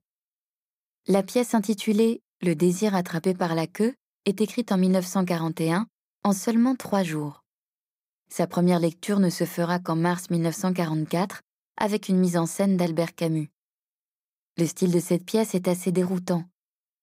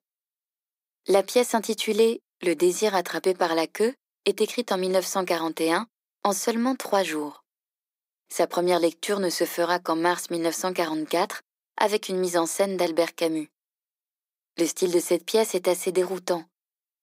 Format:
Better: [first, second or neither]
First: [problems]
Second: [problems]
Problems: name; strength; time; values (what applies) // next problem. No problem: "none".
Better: first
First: none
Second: thin; somewhat; fading below 300 Hz